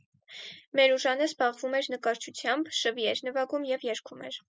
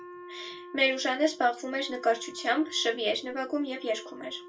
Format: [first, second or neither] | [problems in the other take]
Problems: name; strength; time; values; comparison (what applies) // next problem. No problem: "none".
first | background sound (Wind instrument, woodwind instrument); 16 dB below the speech // room echo; dies away in 0.2 s